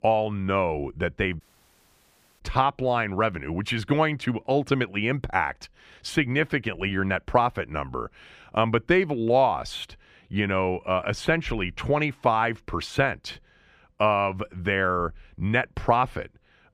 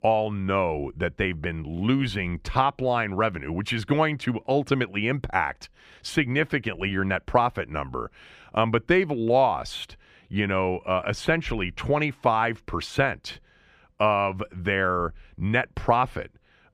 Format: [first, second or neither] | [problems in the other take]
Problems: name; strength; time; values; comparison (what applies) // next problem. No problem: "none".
second | audio cutting out; at 1.5 s for 1 s